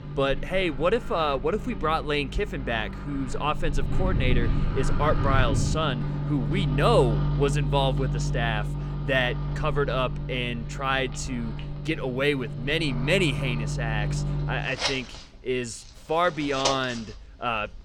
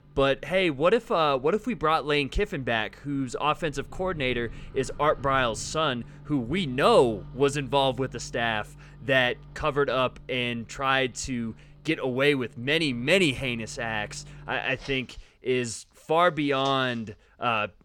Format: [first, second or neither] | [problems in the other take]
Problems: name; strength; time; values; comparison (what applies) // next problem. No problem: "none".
second | household noises; loud; throughout; 2 dB below the speech; faint in the second